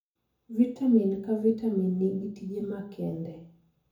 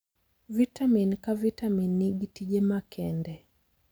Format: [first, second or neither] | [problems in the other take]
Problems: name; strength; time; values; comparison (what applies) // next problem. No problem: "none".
second | room echo; dies away in 0.6 s